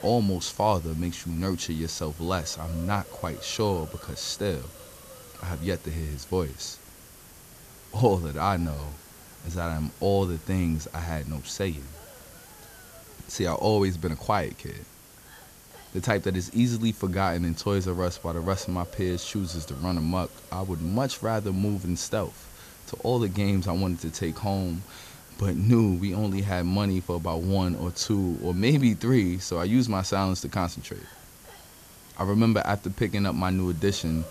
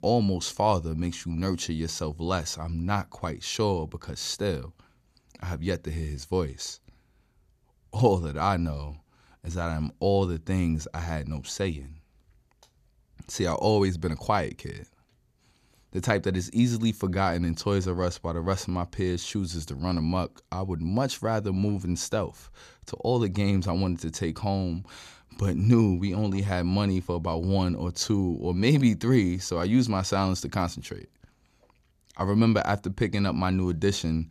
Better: second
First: hiss; noticeable; throughout; 20 dB below the speech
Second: none

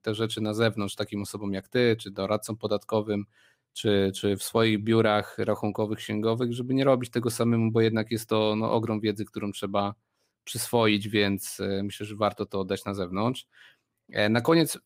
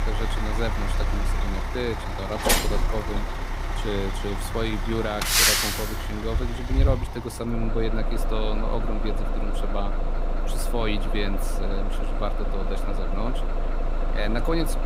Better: first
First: none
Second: traffic noise; very loud; throughout; 4 dB above the speech

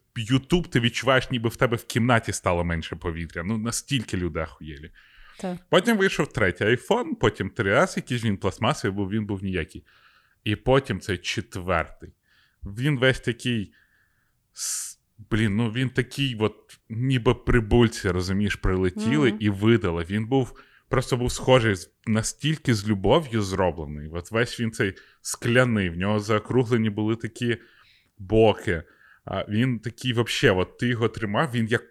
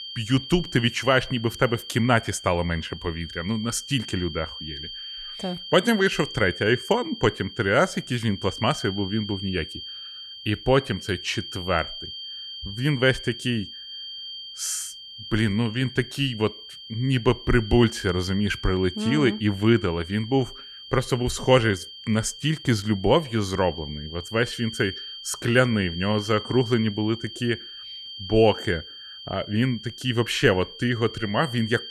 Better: first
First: none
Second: high-pitched whine; noticeable; throughout; 3 kHz, 10 dB below the speech

